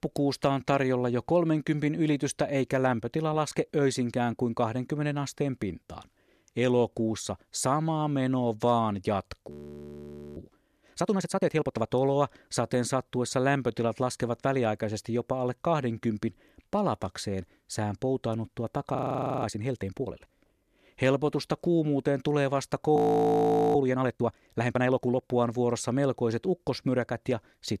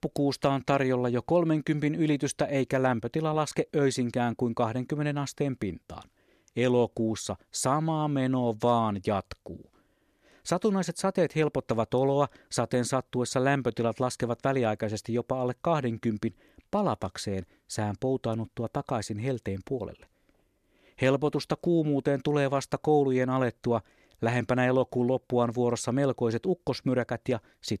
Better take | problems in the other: second | audio freezing; at 9.5 s for 1 s, at 19 s and at 23 s for 1 s

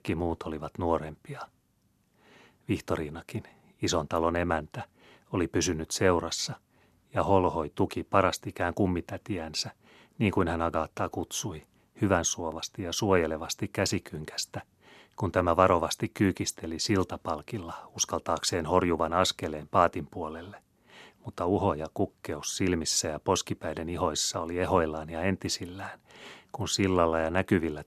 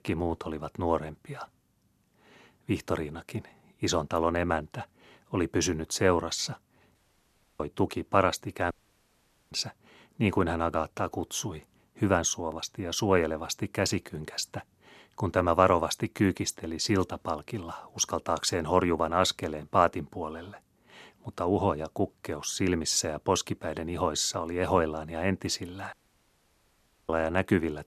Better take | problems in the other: first | audio cutting out; at 7 s for 0.5 s, at 8.5 s for 1 s and at 26 s for 1 s

